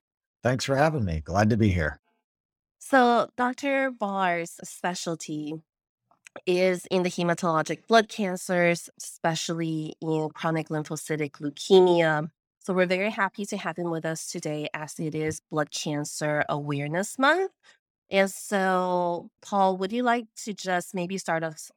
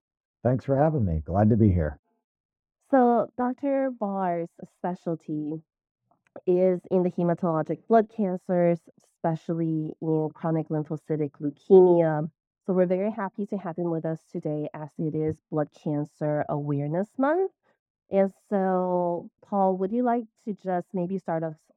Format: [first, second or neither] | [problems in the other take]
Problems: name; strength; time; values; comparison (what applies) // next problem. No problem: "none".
first | muffled; very; fading above 1.5 kHz